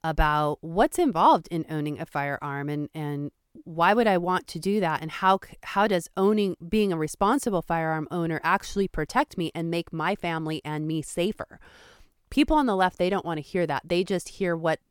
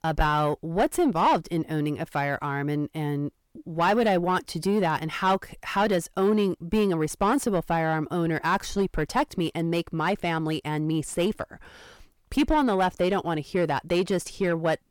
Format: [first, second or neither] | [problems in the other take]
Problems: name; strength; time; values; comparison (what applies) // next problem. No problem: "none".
first | distortion; slight; 10 dB below the speech